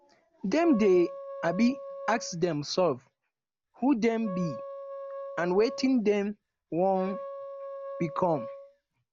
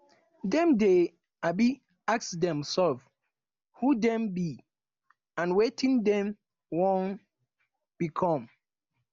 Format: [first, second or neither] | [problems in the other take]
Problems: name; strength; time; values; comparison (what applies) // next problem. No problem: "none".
second | background sound (Wind instrument, woodwind instrument); 12 dB below the speech